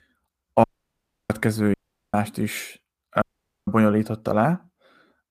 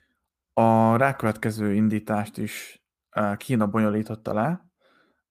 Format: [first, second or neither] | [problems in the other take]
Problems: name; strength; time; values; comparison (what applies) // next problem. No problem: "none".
second | audio cutting out; at 0.5 s for 0.5 s, at 1.5 s and at 3 s